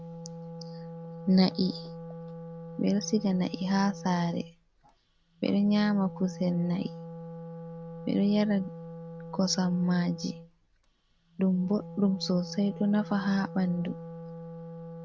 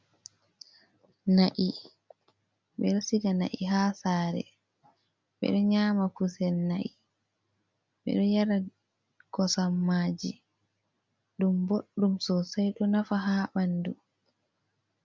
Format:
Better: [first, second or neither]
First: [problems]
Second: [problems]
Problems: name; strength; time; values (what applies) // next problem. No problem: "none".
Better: second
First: background sound (Wind instrument, woodwind instrument); 12 dB below the speech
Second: none